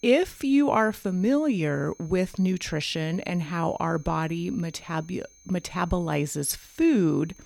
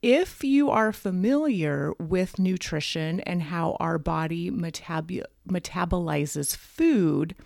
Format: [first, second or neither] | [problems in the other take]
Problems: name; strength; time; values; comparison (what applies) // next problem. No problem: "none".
second | high-pitched whine; faint; throughout; 6.5 kHz, 25 dB below the speech